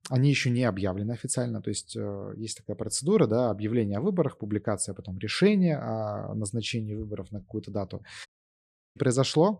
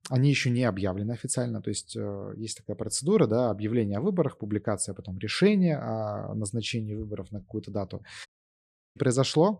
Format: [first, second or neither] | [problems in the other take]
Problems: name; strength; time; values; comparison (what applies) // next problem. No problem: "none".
neither | audio cutting out; at 8.5 s for 0.5 s; the same in both